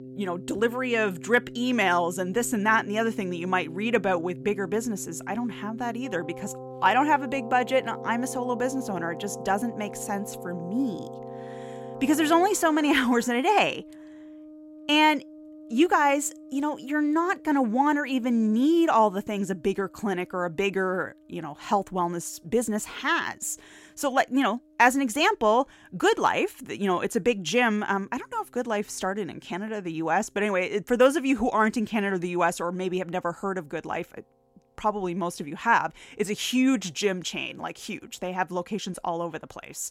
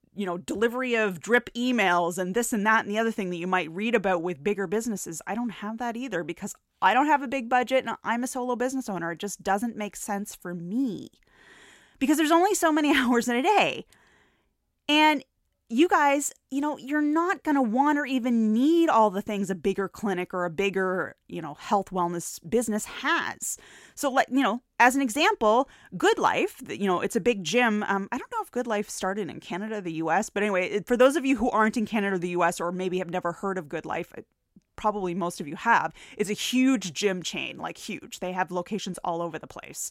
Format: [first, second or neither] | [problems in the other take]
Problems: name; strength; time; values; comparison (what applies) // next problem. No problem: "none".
second | background music; noticeable; throughout; 15 dB below the speech